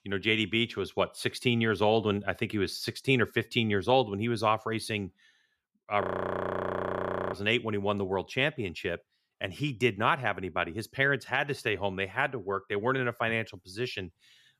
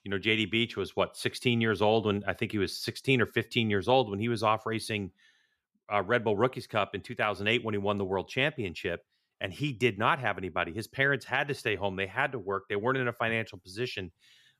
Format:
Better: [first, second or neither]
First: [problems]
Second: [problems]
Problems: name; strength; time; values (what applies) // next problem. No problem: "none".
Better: second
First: audio freezing; at 6 s for 1.5 s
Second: none